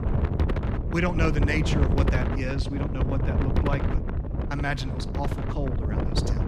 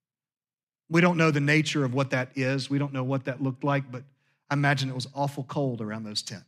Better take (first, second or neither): second